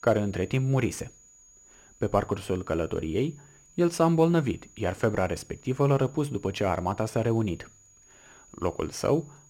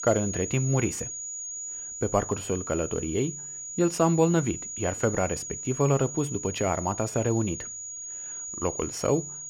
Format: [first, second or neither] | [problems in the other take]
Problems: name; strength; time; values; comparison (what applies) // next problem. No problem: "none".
first | high-pitched whine; loud; throughout; 7 kHz, 7 dB below the speech; faint in the first